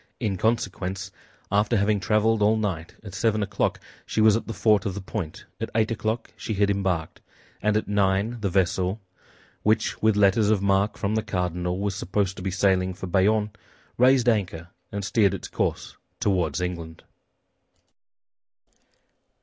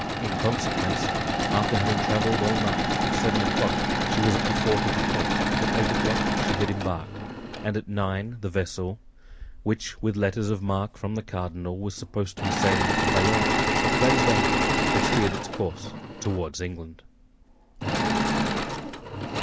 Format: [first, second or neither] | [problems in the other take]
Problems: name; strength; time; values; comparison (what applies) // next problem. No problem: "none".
first | background sound (Engine / Mechanisms); 3 dB above the speech